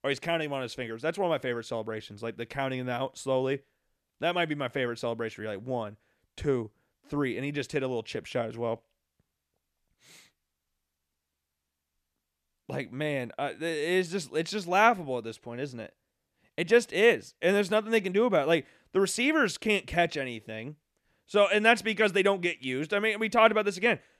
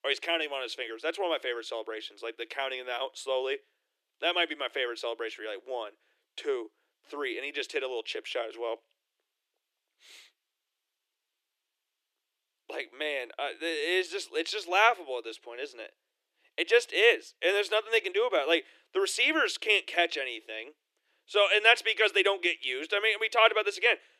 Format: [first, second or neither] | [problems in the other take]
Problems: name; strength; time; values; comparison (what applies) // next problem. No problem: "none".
first | thin; very; fading below 300 Hz